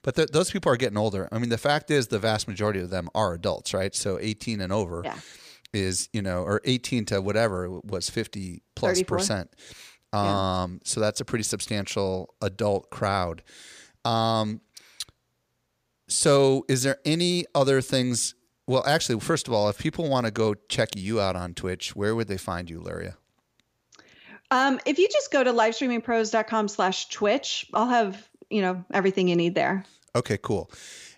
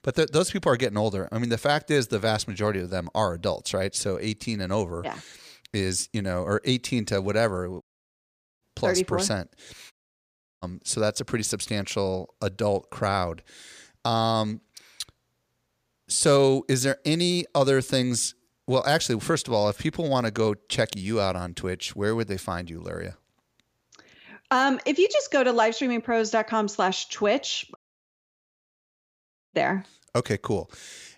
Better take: first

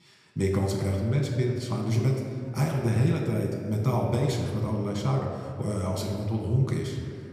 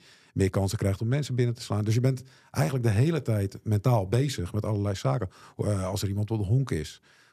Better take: second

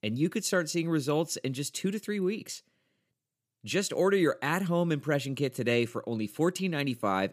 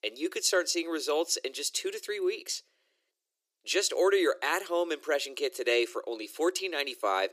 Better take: first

